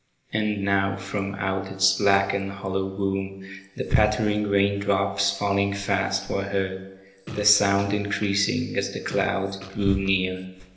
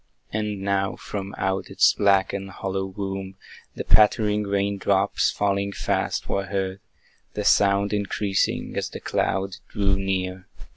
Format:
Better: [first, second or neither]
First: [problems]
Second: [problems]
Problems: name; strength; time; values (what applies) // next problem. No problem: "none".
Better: second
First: background sound (Fart); 16 dB below the speech // room echo; dies away in 1 s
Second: none